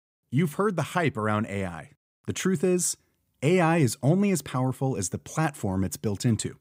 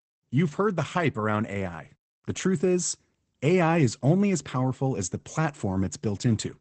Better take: first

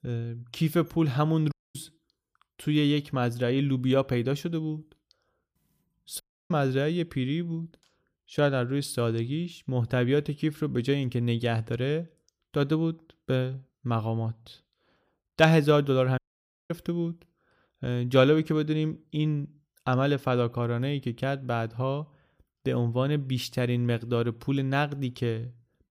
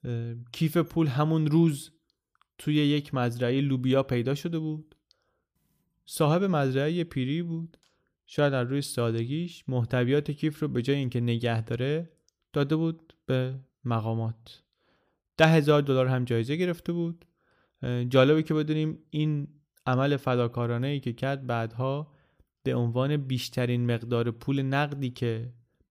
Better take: second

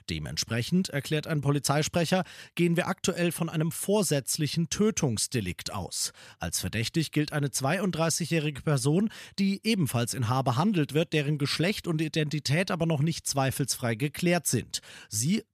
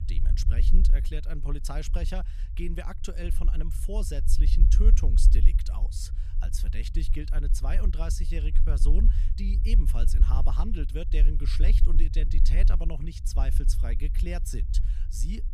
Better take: first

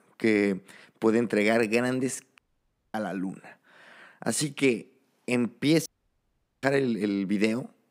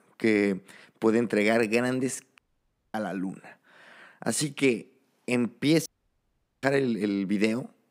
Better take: neither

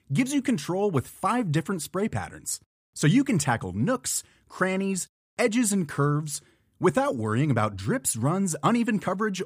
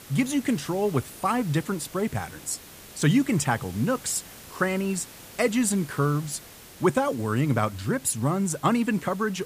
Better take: first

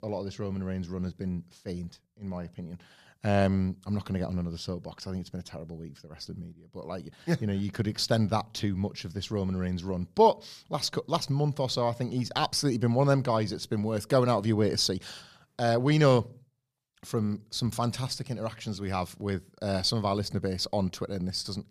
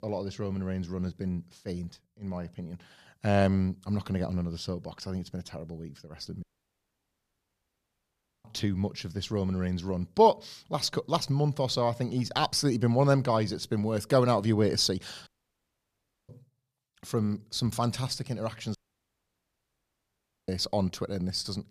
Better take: first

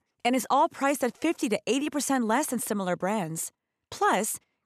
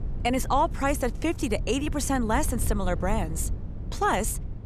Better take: first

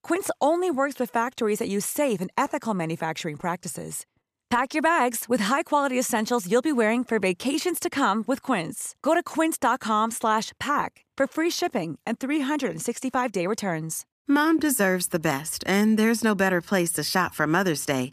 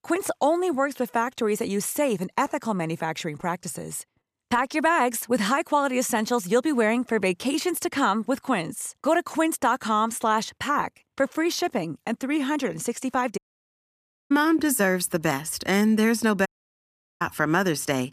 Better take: first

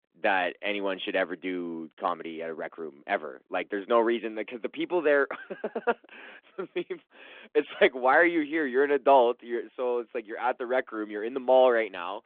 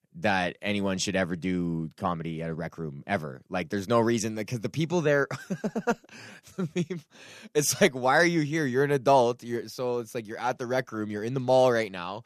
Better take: second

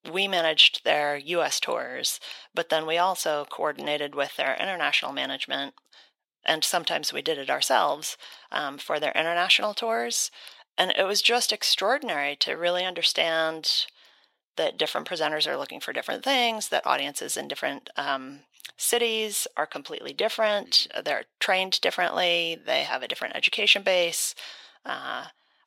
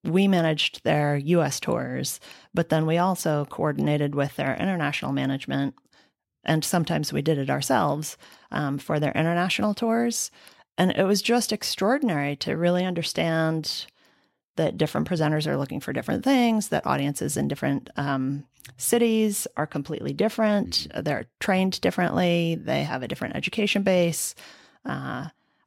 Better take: second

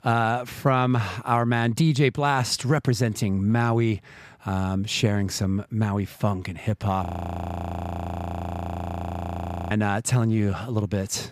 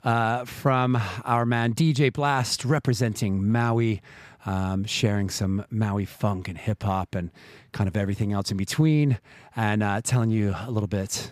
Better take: second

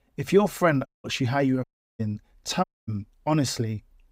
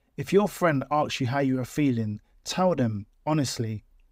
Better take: second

